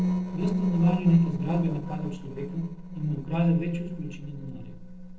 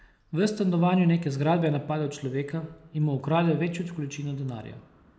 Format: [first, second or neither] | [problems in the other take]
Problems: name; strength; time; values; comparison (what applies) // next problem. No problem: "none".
second | noise reduction (neural separator model SepFormer DNS4)